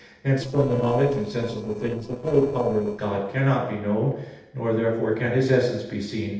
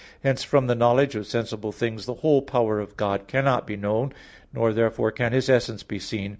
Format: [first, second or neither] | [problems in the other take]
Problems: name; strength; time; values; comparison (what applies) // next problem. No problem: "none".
second | noise reduction (neural separator model SepFormer DNS4)